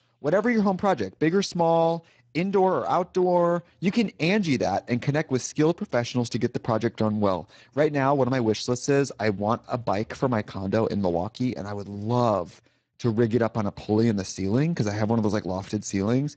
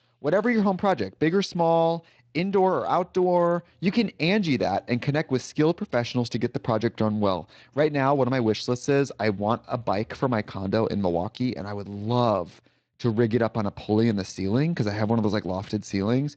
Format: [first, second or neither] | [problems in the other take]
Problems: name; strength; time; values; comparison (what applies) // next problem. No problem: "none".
second | garbled, watery; badly; nothing above 7.5 kHz; slightly in the second